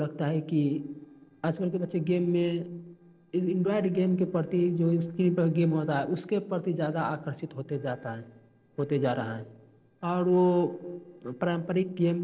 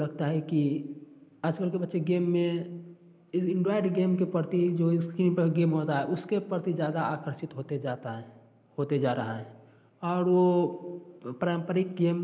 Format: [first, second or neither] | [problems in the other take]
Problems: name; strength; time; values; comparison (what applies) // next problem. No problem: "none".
second | noise reduction (neural separator model SepFormer DNS4)